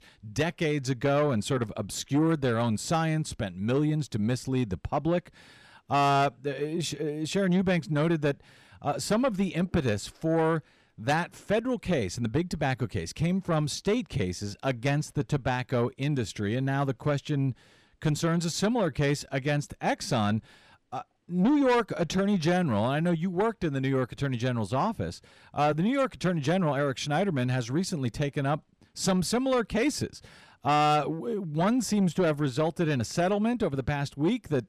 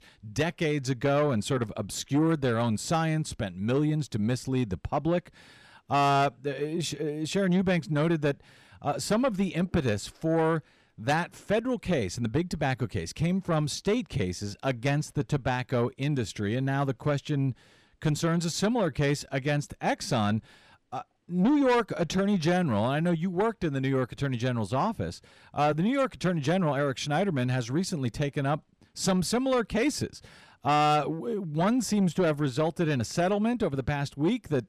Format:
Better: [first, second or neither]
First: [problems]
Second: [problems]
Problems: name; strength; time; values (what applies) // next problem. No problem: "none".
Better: neither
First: distortion; slight; 10 dB below the speech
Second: distortion; slight; 10 dB below the speech